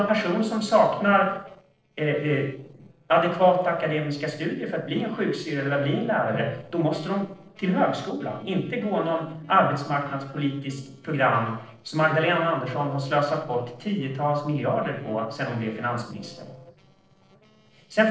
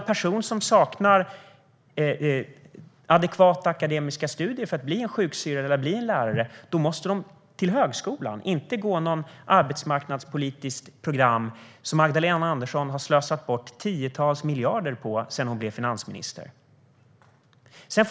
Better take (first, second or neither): second